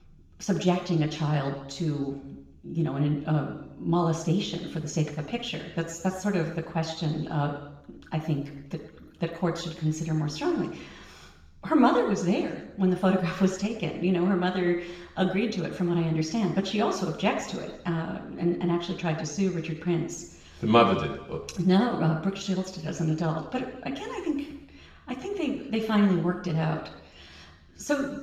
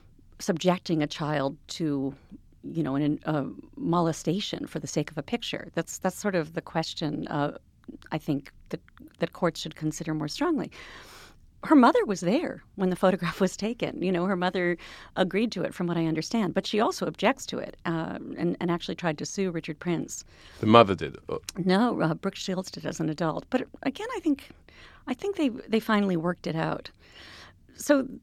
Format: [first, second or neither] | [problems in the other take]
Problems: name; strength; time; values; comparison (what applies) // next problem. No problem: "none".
second | room echo; noticeable; dies away in 0.8 s // off-mic speech; far